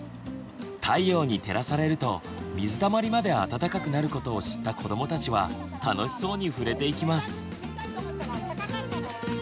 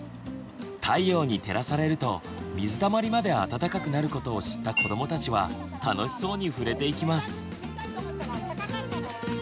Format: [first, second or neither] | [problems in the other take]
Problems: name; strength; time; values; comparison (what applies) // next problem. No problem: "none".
first | background sound (Chink, clink); 5 dB below the speech